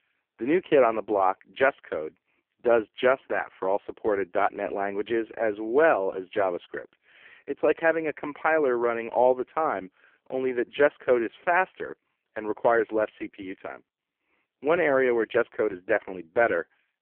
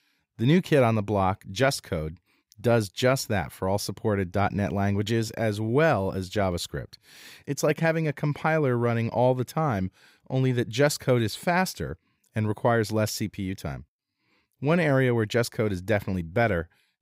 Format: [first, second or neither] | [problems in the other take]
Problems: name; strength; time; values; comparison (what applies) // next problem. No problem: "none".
second | phone-call audio; poor line